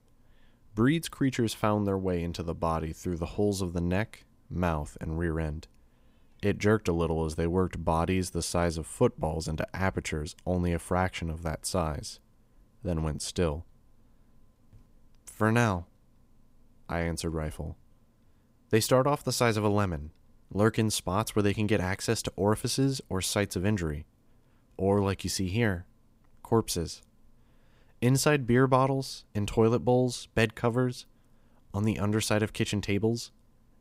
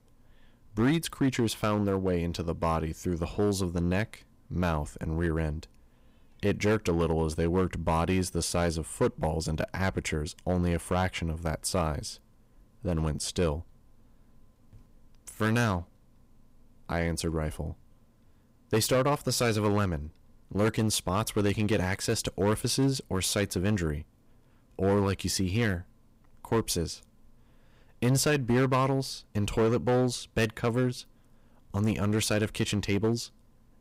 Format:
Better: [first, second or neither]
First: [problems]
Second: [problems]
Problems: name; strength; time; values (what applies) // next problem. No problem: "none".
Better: first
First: none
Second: distortion; slight; 4% of the sound clipped